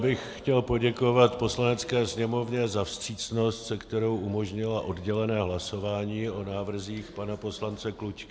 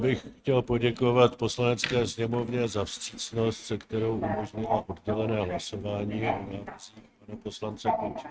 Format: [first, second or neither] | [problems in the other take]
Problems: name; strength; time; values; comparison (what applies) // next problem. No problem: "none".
first | noise reduction (neural mask model RNNoise)